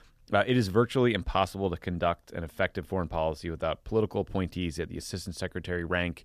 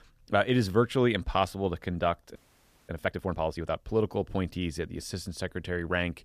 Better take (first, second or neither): first